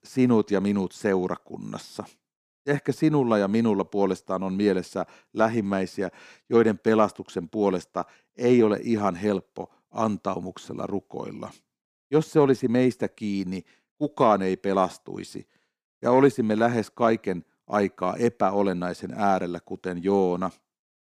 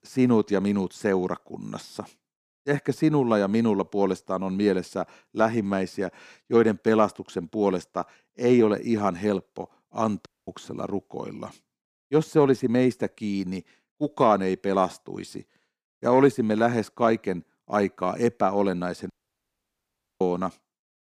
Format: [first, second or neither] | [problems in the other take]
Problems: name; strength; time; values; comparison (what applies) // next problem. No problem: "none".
first | audio cutting out; at 10 s and at 19 s for 1 s